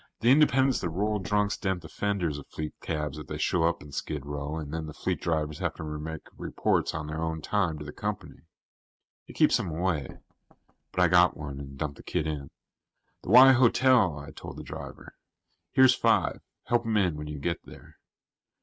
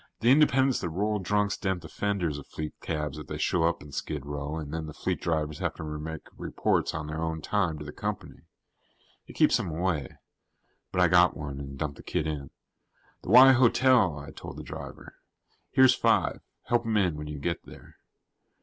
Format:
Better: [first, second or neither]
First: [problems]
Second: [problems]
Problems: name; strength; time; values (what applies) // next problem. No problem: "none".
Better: second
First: noise reduction (neural mask model RNNoise)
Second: none